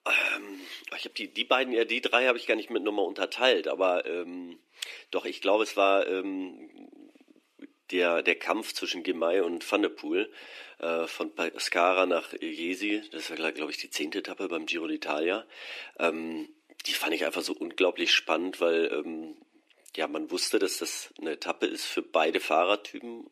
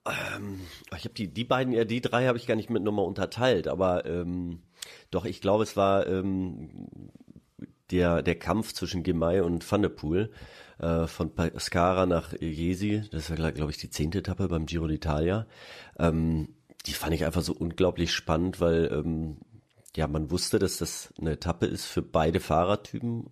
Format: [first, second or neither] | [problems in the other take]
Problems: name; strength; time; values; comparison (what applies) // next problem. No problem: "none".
second | thin; somewhat; fading below 300 Hz